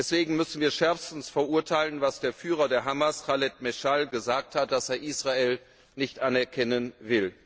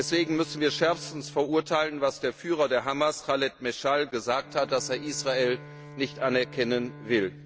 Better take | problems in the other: first | background sound (Bowed string instrument); 18 dB below the speech

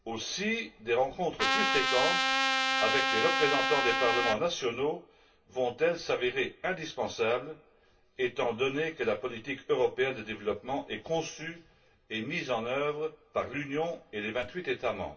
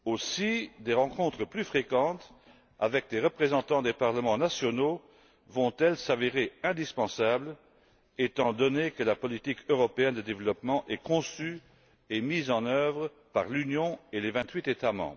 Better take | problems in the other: second | background sound (Trumpet); 4 dB above the speech // room echo; dies away in 0.2 s

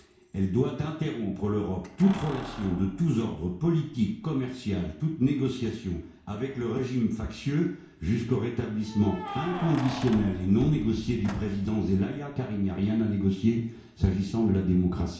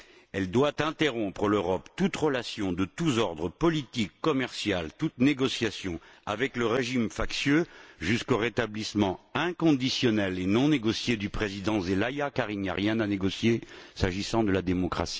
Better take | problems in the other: second | background sound (Keys jangling); 17 dB below the speech // room echo; dies away in 0.6 s

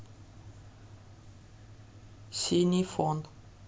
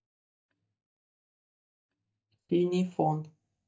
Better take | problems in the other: first | noise reduction (neural mask model DeepFilterNet 3)

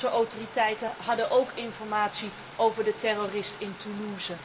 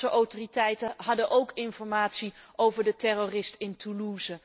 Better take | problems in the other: second | background sound (Stream); 15 dB below the speech // room echo; dies away in 1.5 s

